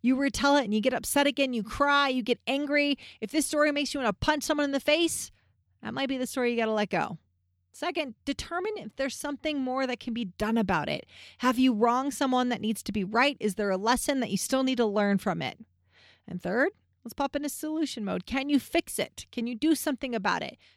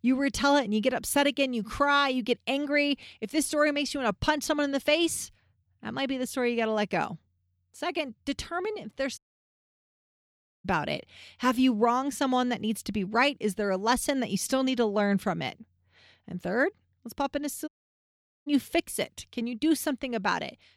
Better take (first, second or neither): first